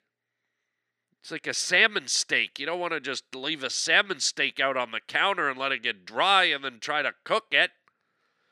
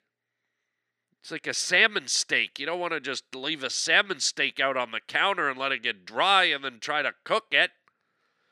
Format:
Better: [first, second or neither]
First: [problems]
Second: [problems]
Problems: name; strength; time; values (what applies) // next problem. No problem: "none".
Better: neither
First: thin; somewhat; fading below 300 Hz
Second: thin; somewhat; fading below 300 Hz